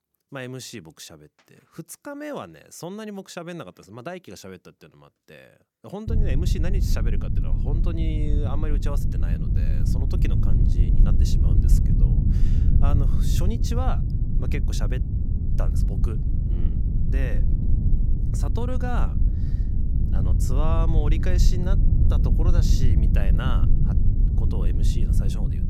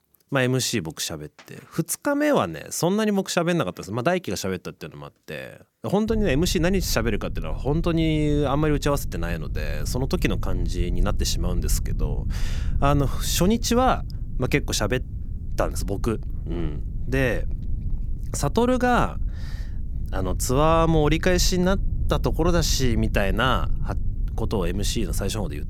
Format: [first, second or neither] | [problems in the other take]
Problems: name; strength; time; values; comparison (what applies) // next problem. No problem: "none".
second | low rumble; loud; from 6 s on; 2 dB below the speech; faint in the second